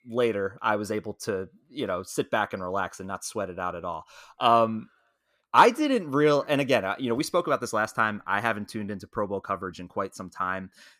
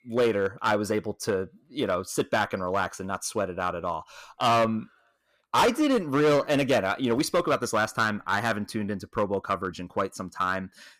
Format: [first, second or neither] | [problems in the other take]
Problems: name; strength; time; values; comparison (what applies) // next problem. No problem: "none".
first | distortion; heavy; 6% of the sound clipped